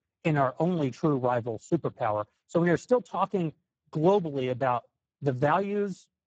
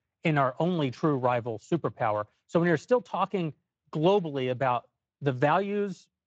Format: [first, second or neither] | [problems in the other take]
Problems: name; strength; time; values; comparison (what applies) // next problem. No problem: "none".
second | garbled, watery; badly; nothing above 7.5 kHz; slightly in the second